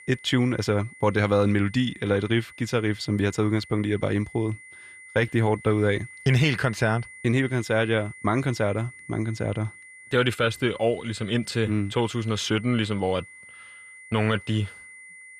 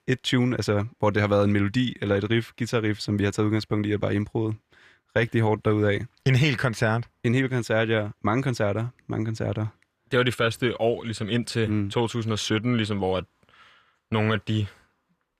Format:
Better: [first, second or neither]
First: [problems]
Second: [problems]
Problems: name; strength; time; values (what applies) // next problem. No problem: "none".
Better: second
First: high-pitched whine; noticeable; throughout; 2 kHz, 20 dB below the speech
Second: none